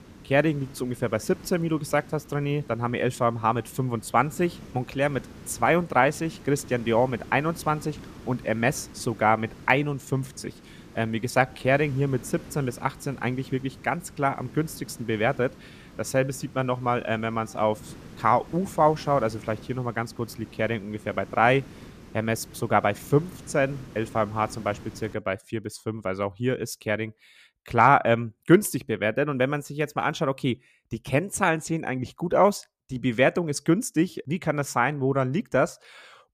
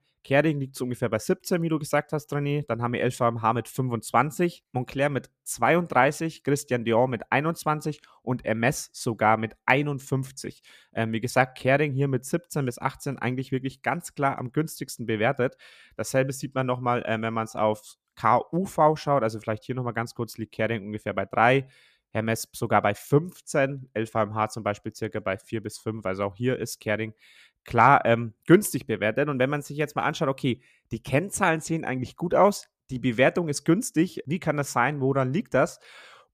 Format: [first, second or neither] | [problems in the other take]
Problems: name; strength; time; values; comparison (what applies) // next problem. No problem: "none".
second | hiss; noticeable; until 25 s; 20 dB below the speech